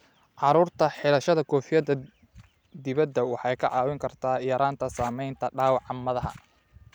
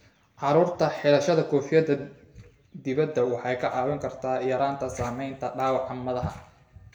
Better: first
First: none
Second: room echo; dies away in 0.6 s

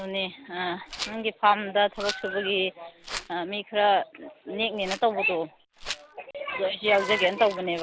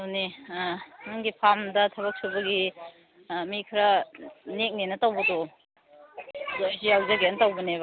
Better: second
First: background sound (Rattle); 16 dB below the speech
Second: none

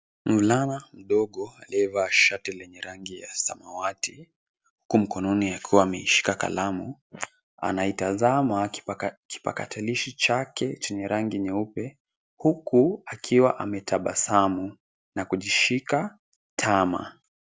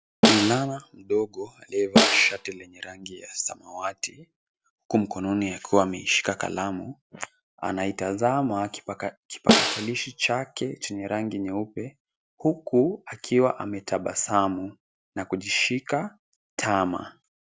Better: first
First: none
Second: background sound (Snare drum); 3 dB above the speech

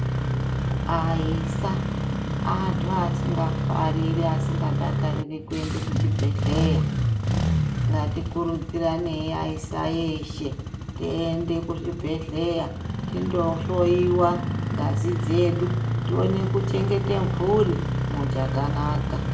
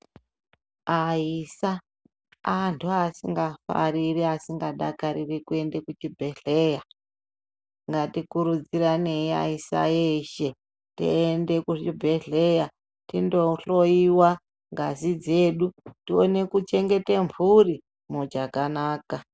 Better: second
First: background sound (Engine starting); 2 dB above the speech // room echo; dies away in 0.5 s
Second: none

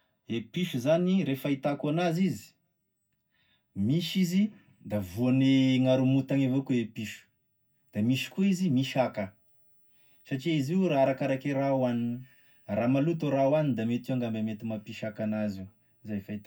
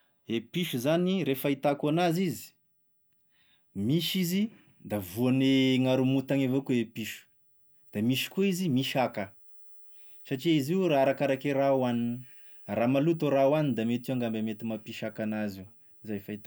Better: second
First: room echo; dies away in 0.4 s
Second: none

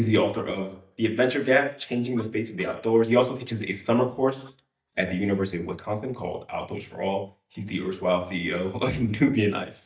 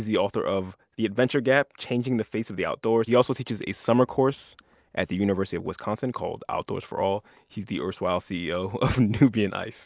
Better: second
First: noise reduction (neural mask model DeepFilterNet 3)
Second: none

